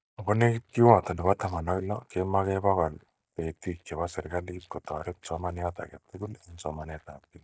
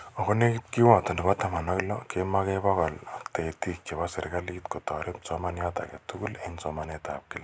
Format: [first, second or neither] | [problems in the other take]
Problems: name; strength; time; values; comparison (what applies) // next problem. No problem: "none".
second | noise reduction (neural mask model DeepFilterNet 3)